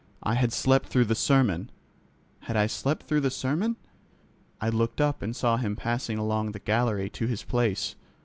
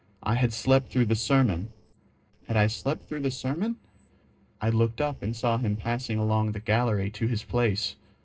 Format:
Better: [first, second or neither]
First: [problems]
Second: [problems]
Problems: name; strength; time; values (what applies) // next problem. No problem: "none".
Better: first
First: none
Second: noise reduction (neural separator model SepFormer DNS4)